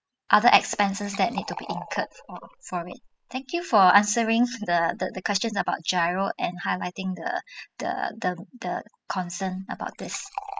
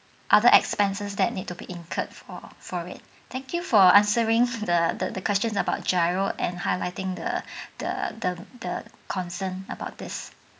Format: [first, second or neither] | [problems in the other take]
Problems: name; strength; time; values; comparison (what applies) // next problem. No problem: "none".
second | noise reduction (classical method spectral subtraction)